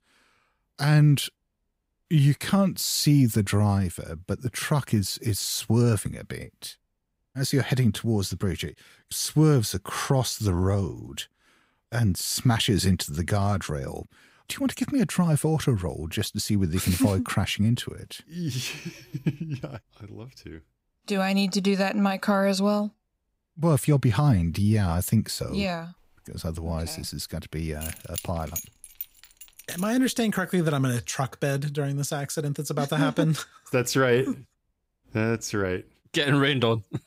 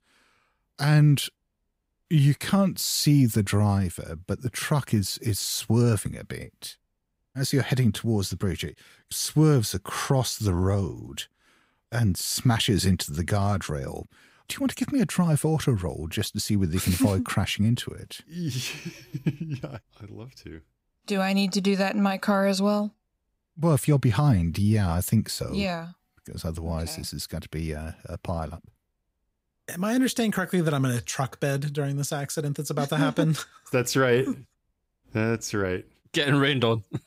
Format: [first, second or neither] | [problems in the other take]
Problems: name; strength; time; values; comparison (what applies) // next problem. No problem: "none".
second | jangling keys; noticeable; from 28 to 30 s; peak 9 dB below the speech